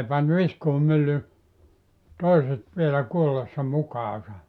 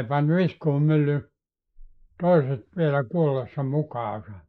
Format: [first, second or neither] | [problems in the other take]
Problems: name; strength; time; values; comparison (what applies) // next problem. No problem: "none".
first | noise reduction (neural mask model Resemble Enhance denoiser)